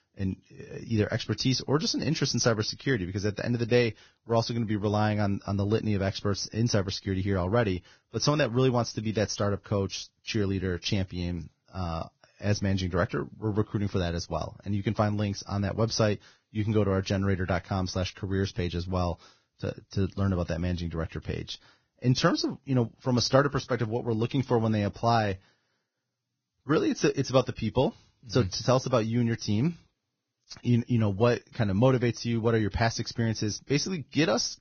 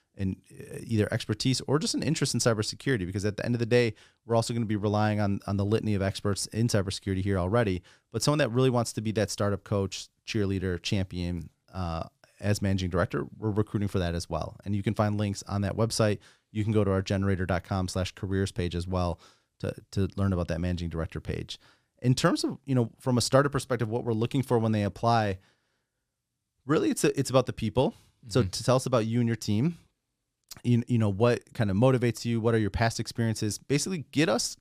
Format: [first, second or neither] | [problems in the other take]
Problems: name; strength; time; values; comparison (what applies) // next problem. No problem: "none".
second | garbled, watery; badly; nothing above 6 kHz